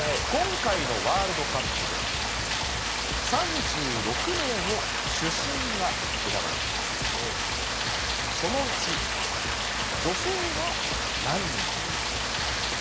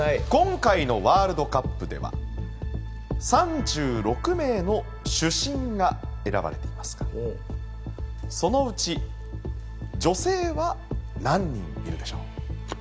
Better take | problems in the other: second | background sound (Rain); 3 dB above the speech

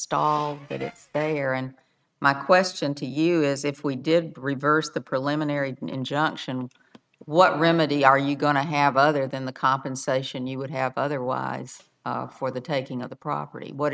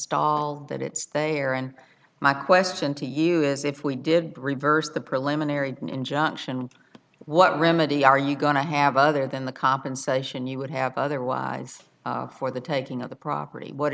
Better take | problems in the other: second | noise reduction (neural mask model RNNoise)

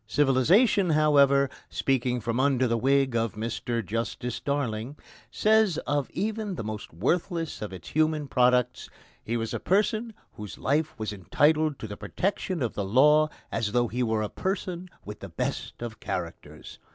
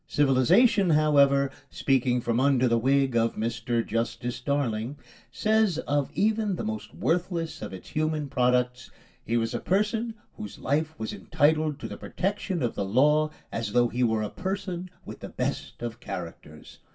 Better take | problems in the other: first | room echo; dies away in 0.2 s

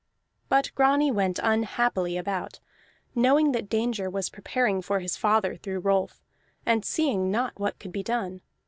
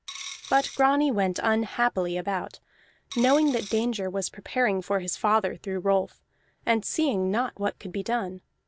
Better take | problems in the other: first | background sound (Coin (dropping)); 14 dB below the speech

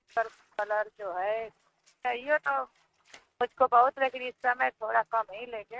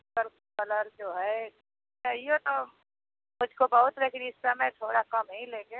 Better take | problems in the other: second | noise reduction (neural mask model RNNoise)

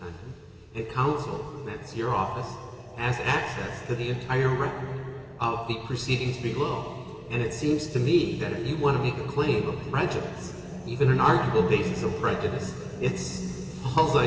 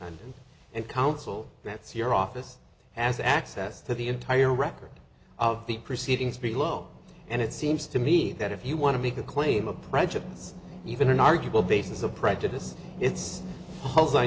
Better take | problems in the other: second | room echo; dies away in 2.8 s

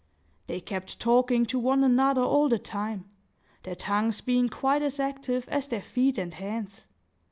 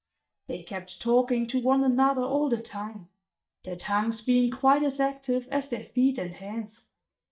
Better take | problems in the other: first | noise reduction (neural mask model DeepFilterNet 3)

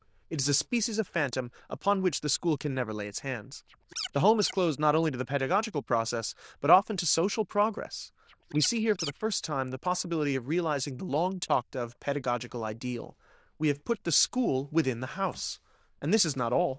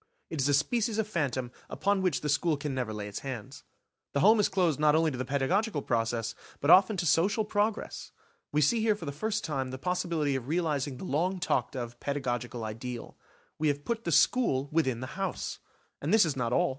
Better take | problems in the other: second | noise reduction (neural diffusion model UNIVERSE++)

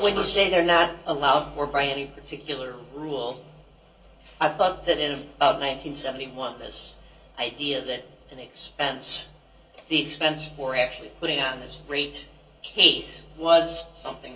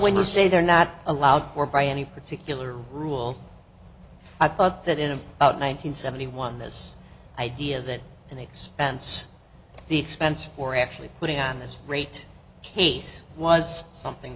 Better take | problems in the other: second | room echo; dies away in 0.2 s

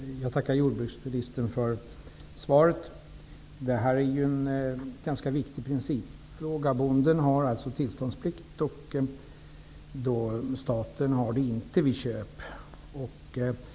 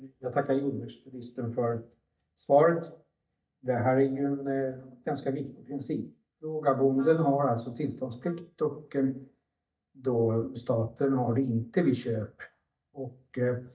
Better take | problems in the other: first | noise reduction (neural mask model DeepFilterNet 3)

